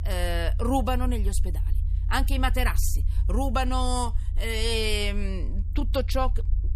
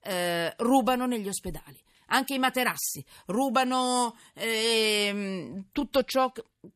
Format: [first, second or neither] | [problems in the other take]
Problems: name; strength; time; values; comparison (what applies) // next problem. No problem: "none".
second | low rumble; faint; throughout; 20 dB below the speech